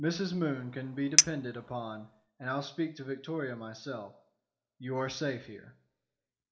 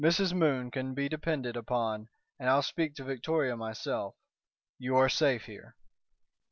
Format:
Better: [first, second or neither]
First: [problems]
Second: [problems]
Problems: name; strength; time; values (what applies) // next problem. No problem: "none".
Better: second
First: background sound (Chink, clink); 4 dB above the speech // room echo; dies away in 0.4 s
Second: none